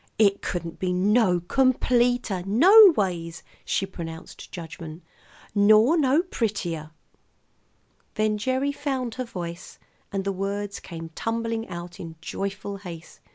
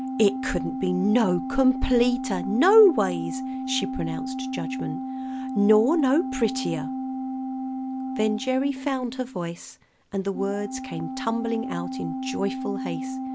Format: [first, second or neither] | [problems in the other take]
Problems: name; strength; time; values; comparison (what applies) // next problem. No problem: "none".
first | background sound (Organ); 6 dB below the speech